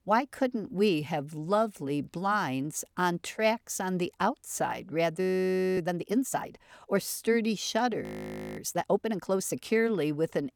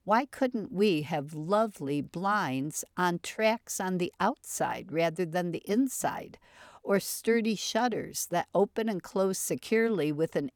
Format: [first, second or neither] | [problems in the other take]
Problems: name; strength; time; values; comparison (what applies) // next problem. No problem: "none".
second | audio freezing; at 5 s for 0.5 s and at 8 s for 0.5 s